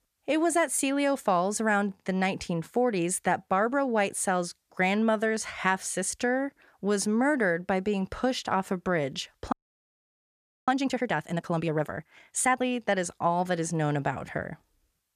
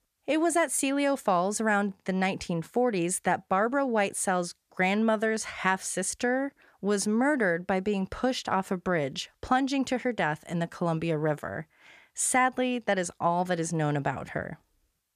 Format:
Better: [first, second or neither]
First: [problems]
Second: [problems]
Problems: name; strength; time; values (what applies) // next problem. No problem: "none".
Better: second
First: audio freezing; at 9.5 s for 1 s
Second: none